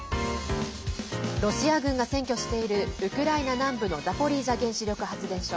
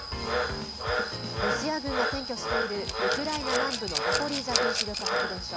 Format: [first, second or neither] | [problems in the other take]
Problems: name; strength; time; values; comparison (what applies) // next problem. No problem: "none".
first | background sound (Frog + Rattle / Glass); 4 dB above the speech